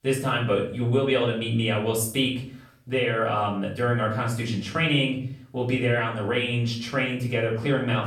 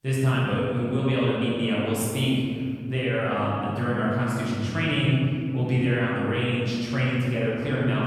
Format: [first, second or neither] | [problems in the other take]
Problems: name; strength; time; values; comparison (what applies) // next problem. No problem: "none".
first | room echo; strong; dies away in 3 s; slight in the first // off-mic speech; far; far in the first